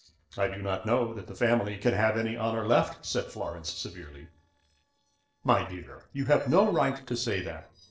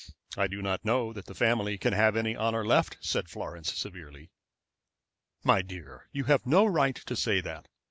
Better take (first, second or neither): second